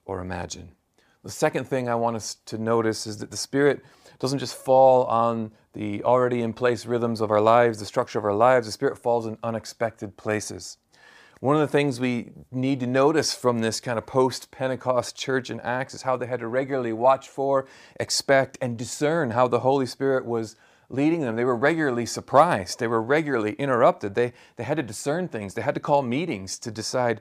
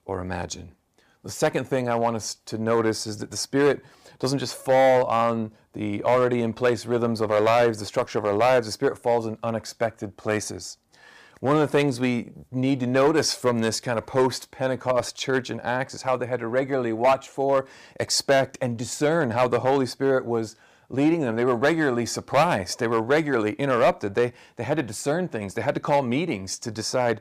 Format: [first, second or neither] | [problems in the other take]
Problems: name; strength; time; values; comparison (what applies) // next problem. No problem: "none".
first | distortion; slight; 3% of the sound clipped